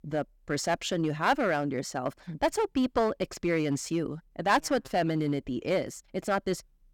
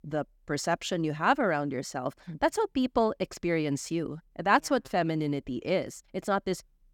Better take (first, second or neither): second